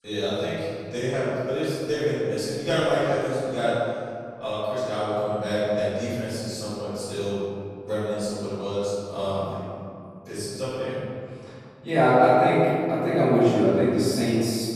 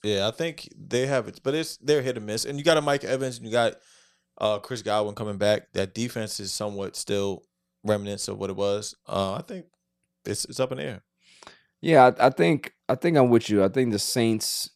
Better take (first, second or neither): second